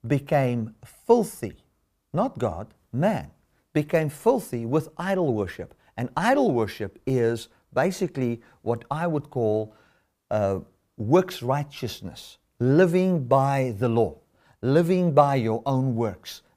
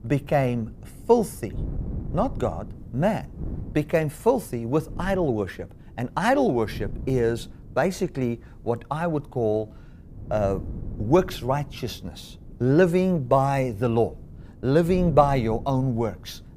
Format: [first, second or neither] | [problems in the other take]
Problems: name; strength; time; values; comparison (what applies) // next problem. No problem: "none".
first | wind noise on the microphone; occasional gusts; 25 dB below the speech